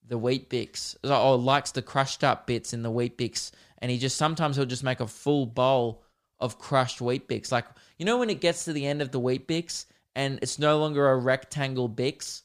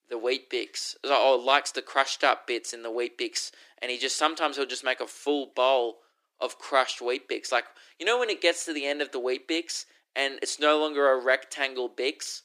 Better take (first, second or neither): first